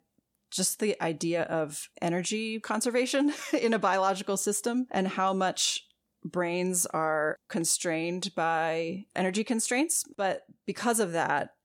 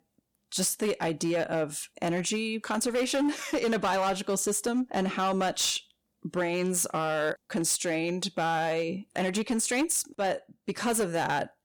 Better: first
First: none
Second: distortion; slight; 10% of the sound clipped

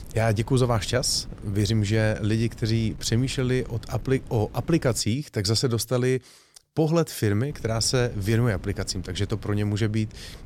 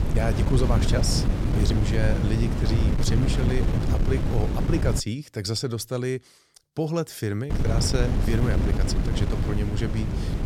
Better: first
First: wind noise on the microphone; occasional gusts; until 5 s and from 7.5 s on; 25 dB below the speech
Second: wind noise on the microphone; heavy; until 5 s and from 7.5 s on; 3 dB below the speech

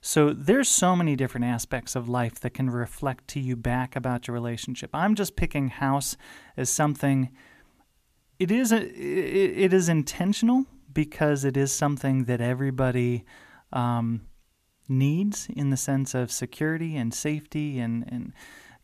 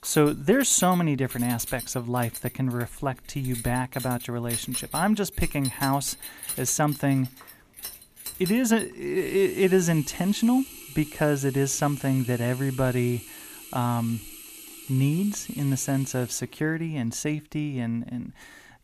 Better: first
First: none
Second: household noises; noticeable; throughout; 10 dB below the speech

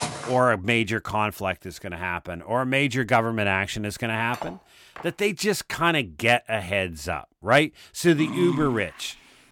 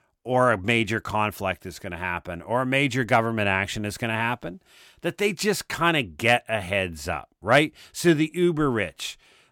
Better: second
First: footsteps; noticeable; at the start; peak 7 dB below the speech // clattering dishes; faint; at 4.5 s; peak 15 dB below the speech // dog barking; noticeable; at 8 s; peak 6 dB below the speech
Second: none

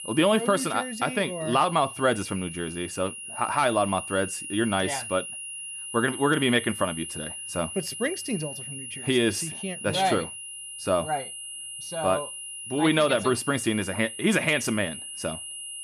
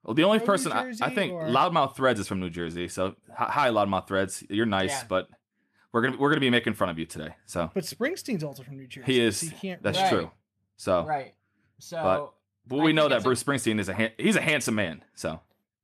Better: second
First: high-pitched whine; loud; throughout; 3 kHz, 9 dB below the speech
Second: none

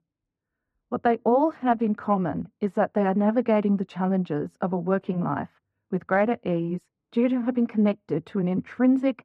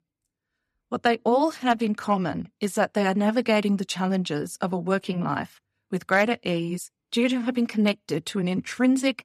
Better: second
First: muffled; very; fading above 3 kHz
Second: none

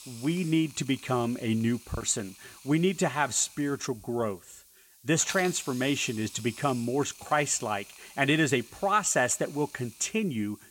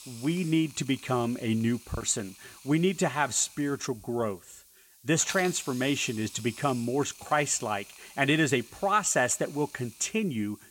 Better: neither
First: hiss; noticeable; throughout; 20 dB below the speech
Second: hiss; noticeable; throughout; 20 dB below the speech

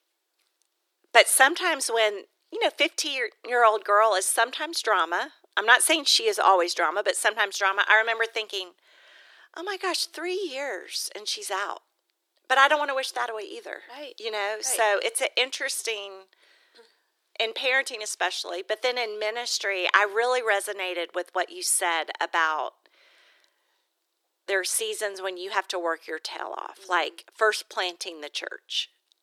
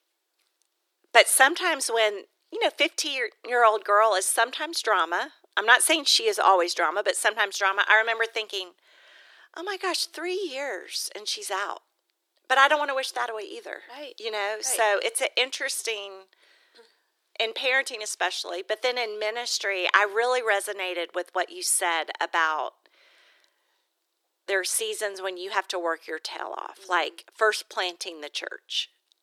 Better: neither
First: thin; very; fading below 350 Hz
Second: thin; very; fading below 350 Hz

